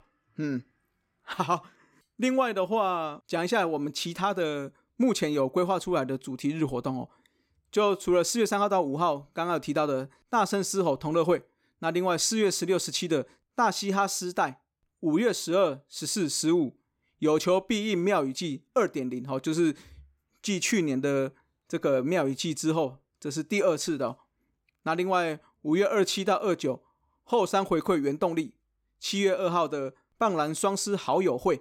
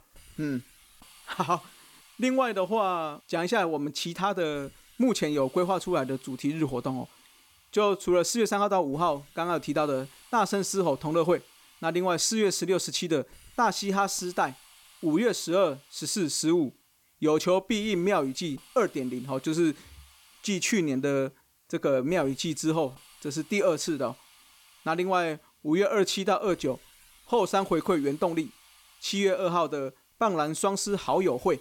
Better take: first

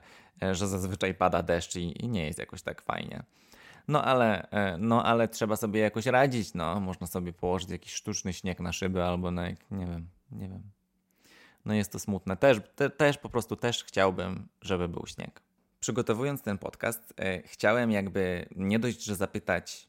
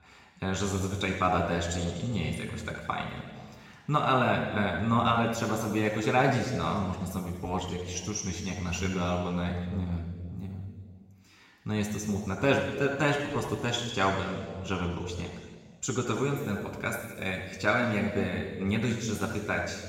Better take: first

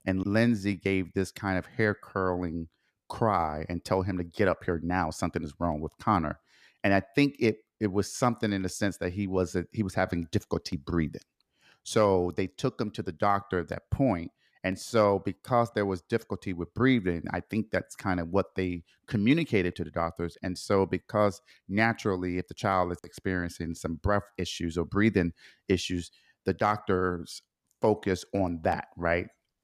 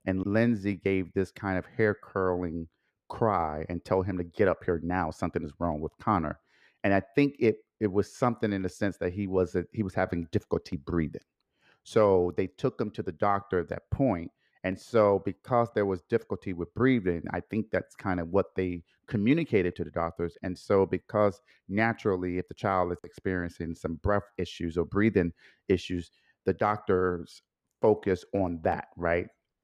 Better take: first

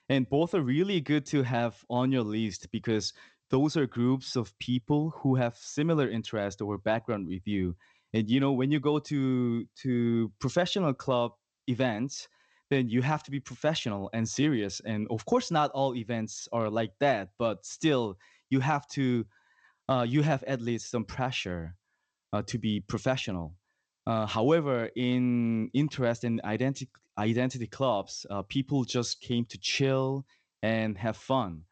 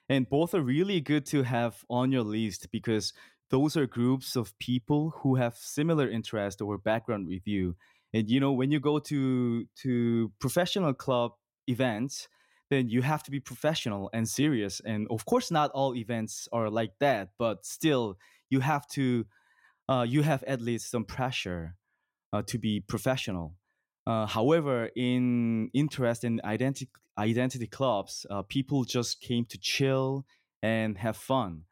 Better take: second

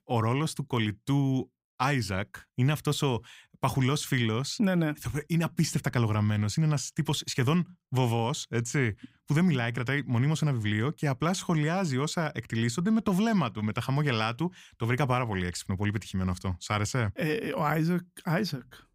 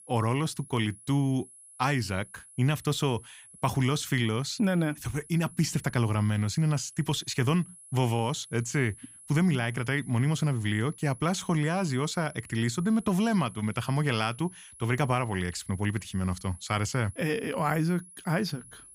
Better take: first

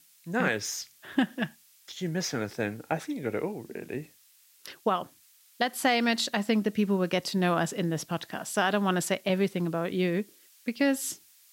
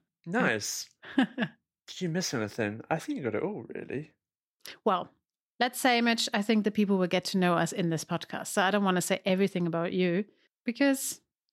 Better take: second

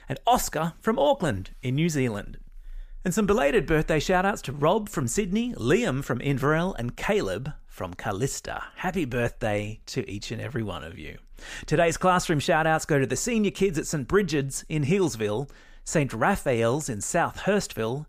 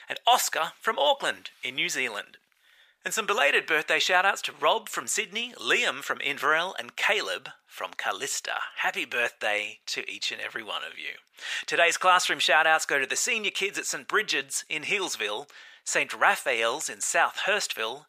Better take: first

